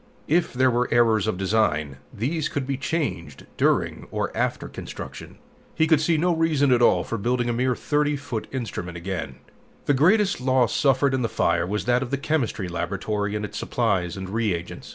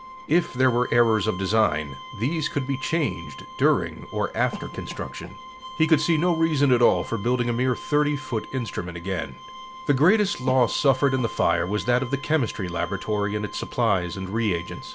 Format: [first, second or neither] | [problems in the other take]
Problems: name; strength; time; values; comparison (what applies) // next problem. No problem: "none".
first | background sound (Bowed string instrument + Cough); 15 dB below the speech